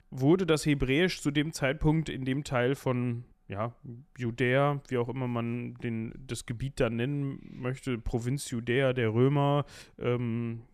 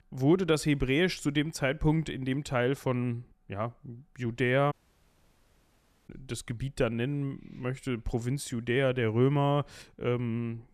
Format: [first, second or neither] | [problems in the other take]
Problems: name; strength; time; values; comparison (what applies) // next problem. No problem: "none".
first | audio cutting out; at 4.5 s for 1.5 s